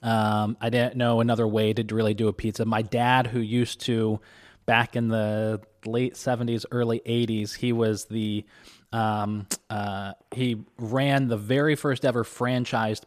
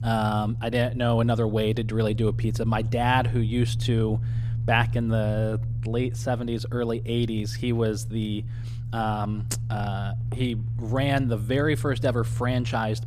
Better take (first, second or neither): first